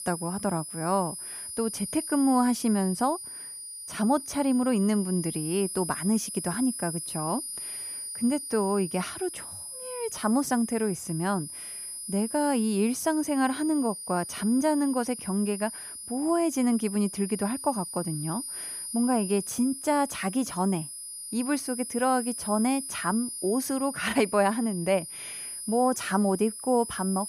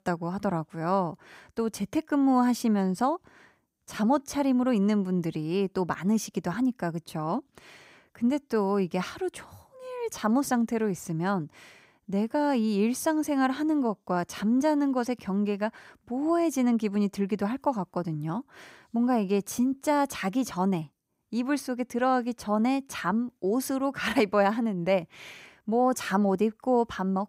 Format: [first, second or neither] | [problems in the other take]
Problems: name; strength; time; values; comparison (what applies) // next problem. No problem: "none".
second | high-pitched whine; loud; throughout; 10 kHz, 8 dB below the speech